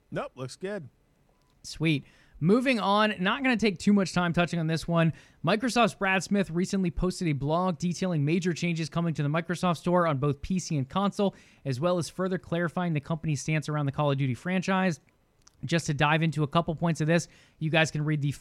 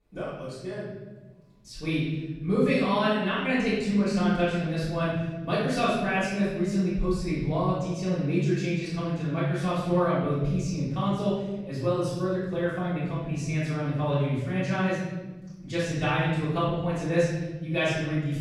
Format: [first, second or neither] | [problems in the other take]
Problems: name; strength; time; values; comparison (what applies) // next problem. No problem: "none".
first | off-mic speech; far // room echo; strong; dies away in 1.2 s